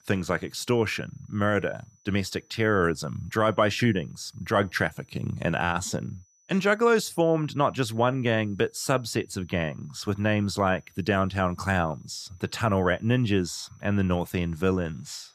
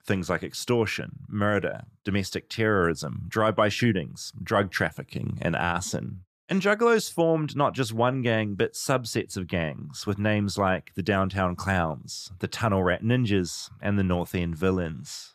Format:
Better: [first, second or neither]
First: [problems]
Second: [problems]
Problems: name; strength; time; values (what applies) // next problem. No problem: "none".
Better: second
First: high-pitched whine; faint; throughout; 6 kHz, 35 dB below the speech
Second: none